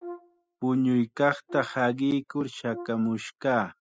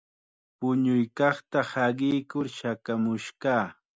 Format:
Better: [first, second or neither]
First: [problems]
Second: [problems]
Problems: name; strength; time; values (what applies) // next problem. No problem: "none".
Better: second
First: noise reduction (classical method spectral subtraction)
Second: none